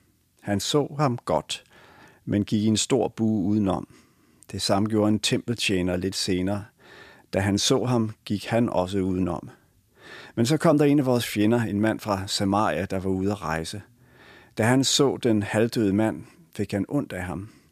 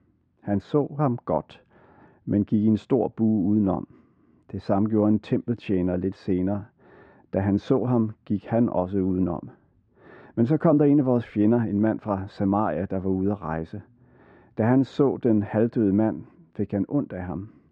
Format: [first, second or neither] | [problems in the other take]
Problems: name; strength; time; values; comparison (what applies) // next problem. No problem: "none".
first | muffled; very; fading above 1 kHz